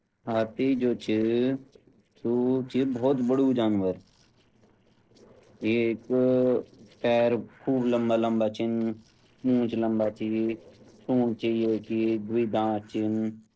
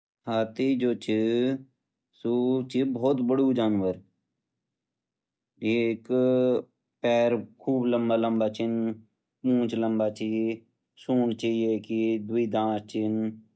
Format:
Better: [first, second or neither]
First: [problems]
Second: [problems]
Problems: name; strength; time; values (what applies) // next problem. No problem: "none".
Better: second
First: noise reduction (neural separator model SepFormer DNS4)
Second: none